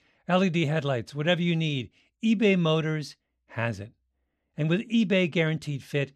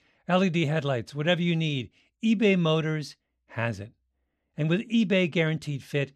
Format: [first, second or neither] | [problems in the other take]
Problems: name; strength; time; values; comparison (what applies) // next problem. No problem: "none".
neither | none